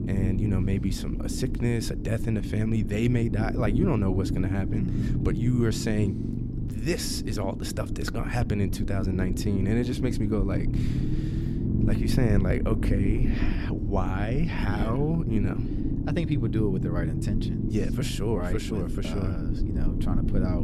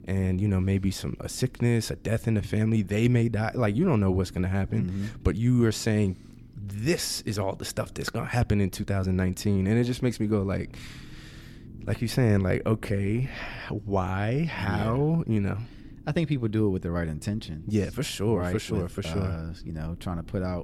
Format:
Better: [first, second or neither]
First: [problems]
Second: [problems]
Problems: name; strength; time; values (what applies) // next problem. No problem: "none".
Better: second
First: low rumble; loud; throughout; 4 dB below the speech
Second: low rumble; faint; throughout; 25 dB below the speech